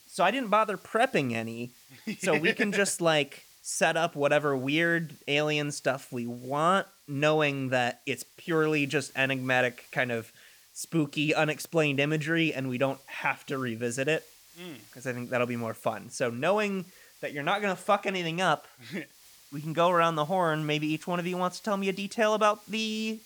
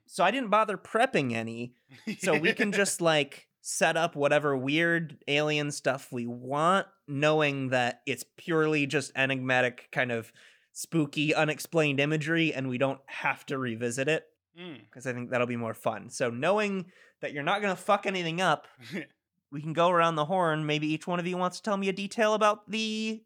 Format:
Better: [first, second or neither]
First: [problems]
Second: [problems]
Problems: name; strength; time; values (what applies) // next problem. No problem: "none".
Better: second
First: hiss; faint; throughout; 25 dB below the speech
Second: none